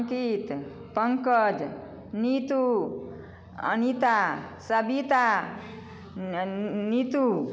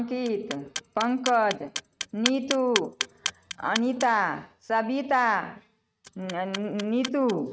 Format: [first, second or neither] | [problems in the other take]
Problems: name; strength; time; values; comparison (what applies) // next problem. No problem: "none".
first | noise reduction (neural mask model RNNoise)